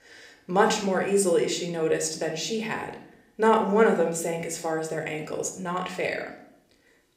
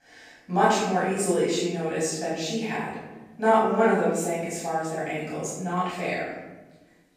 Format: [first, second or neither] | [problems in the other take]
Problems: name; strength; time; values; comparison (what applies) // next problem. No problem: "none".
first | room echo; strong; dies away in 1.1 s; slight in the first // off-mic speech; far